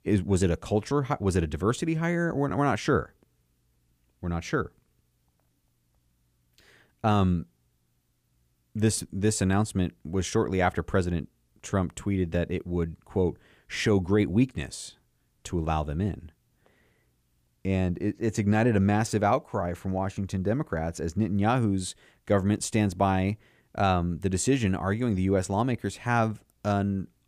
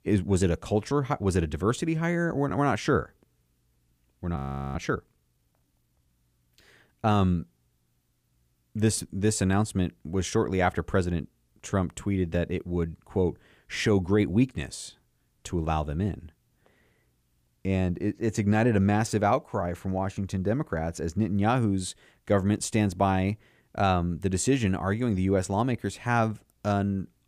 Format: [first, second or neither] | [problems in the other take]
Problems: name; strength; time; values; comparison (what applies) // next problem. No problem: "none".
first | audio freezing; at 4.5 s